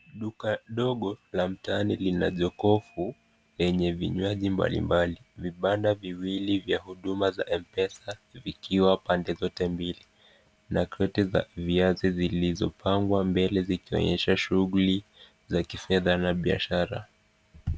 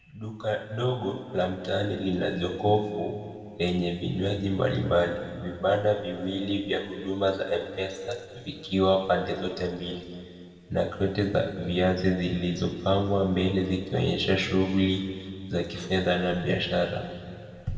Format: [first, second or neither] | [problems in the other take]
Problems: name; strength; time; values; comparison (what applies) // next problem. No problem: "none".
first | room echo; dies away in 2 s